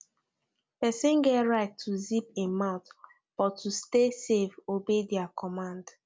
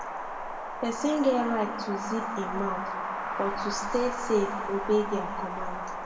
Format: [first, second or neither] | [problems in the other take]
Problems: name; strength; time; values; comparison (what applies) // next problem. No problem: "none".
first | background sound (Wind); 3 dB below the speech // room echo; dies away in 1.6 s